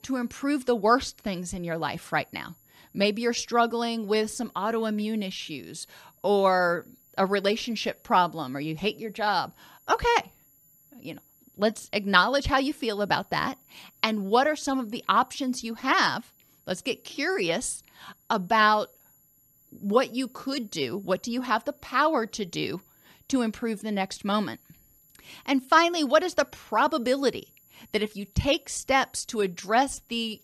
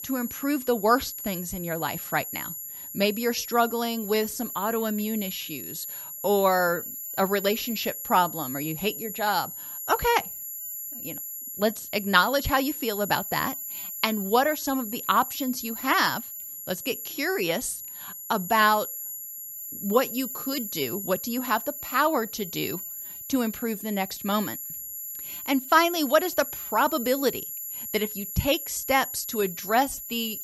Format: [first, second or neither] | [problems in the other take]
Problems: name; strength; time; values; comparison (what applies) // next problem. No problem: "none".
first | high-pitched whine; loud; throughout; 11.5 kHz, 8 dB below the speech; faint in the first